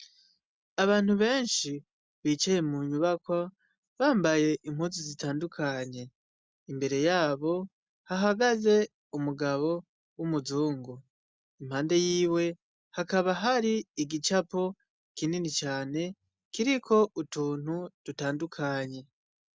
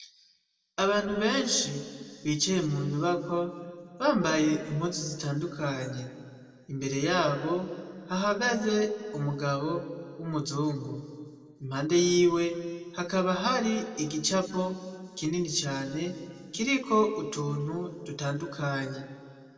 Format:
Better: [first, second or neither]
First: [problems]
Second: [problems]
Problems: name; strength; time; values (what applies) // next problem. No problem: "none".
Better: first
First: none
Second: room echo; dies away in 1.7 s